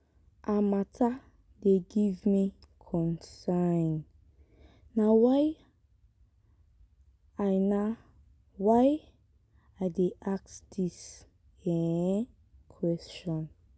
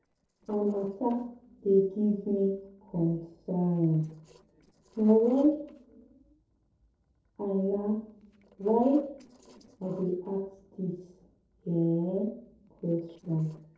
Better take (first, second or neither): first